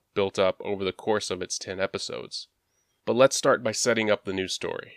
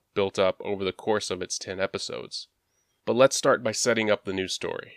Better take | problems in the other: neither | none

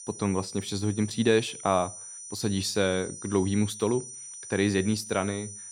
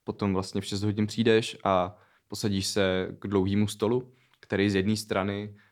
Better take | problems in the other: second | high-pitched whine; noticeable; throughout; 6 kHz, 10 dB below the speech

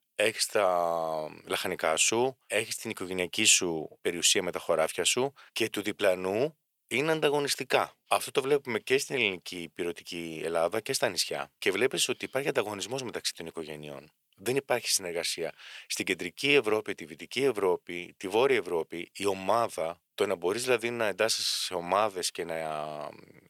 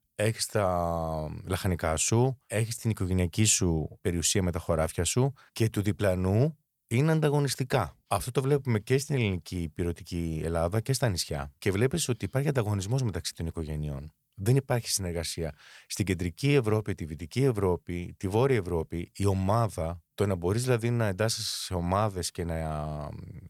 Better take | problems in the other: second | thin; somewhat; fading below 400 Hz

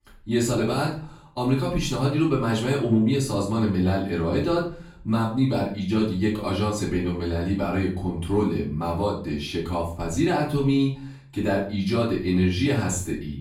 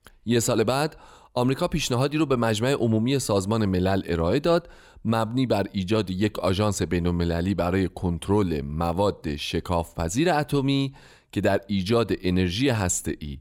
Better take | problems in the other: second | off-mic speech; far // room echo; slight; dies away in 0.4 s

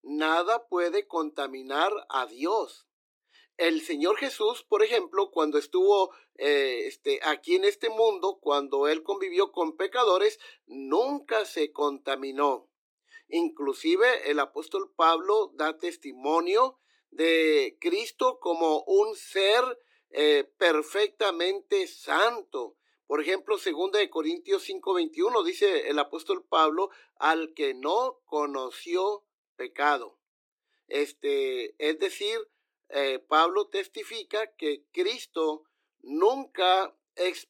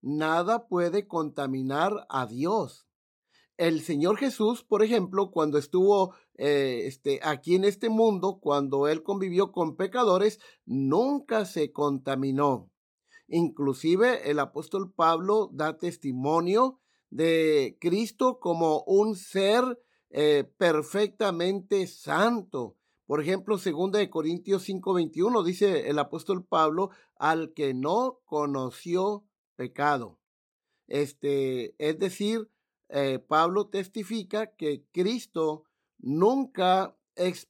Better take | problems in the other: second | thin; somewhat; fading below 300 Hz

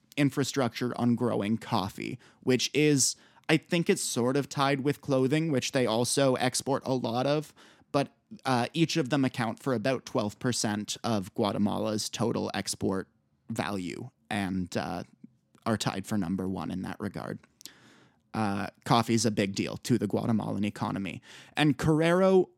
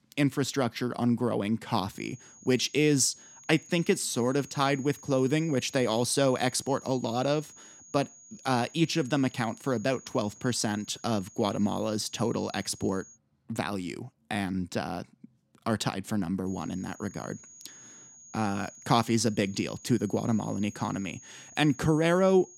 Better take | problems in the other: first | high-pitched whine; faint; from 2 to 13 s and from 16 s on; 6.5 kHz, 20 dB below the speech

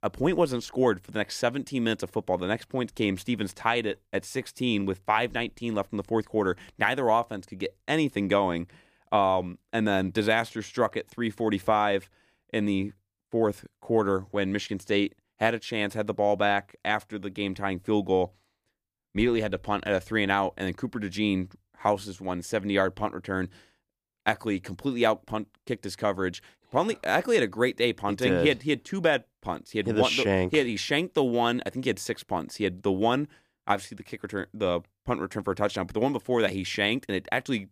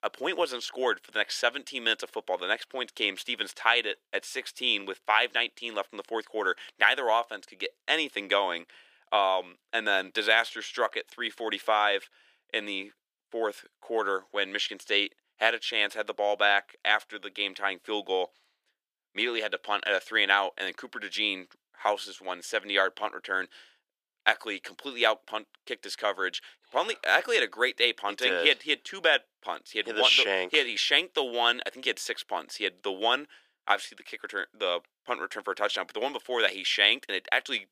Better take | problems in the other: first | thin; very; fading below 450 Hz

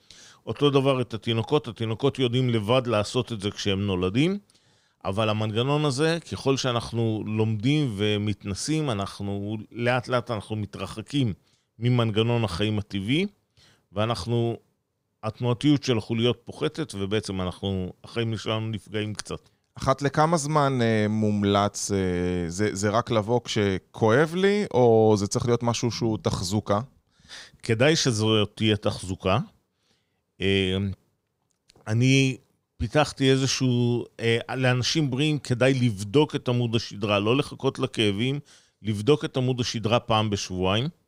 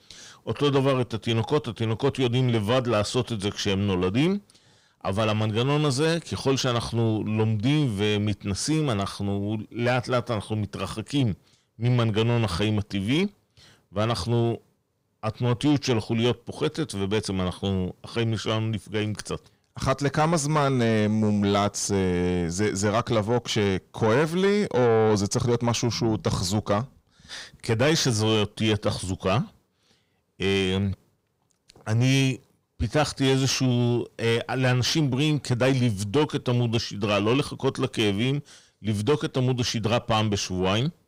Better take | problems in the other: first | distortion; slight; 10 dB below the speech

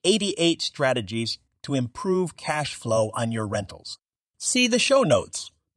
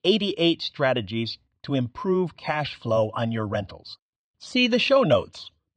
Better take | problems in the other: first | muffled; very slightly; fading above 4 kHz

